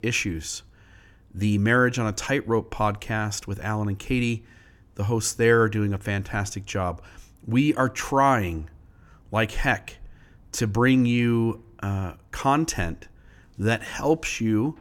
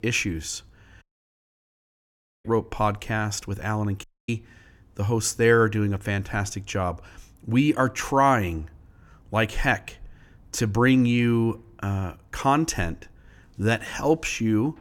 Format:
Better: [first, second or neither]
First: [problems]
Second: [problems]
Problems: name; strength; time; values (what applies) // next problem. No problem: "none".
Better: first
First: none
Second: audio cutting out; at 1 s for 1.5 s and at 4 s